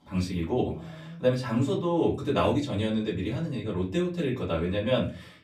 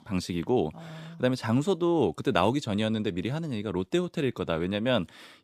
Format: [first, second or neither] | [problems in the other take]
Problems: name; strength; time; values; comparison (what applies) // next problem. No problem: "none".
second | off-mic speech; far // room echo; very slight; dies away in 0.4 s